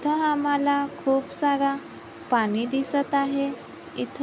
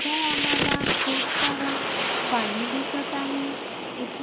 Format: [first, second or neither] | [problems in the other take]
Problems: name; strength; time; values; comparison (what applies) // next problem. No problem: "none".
first | background sound (Fire); 4 dB above the speech // room echo; dies away in 0.6 s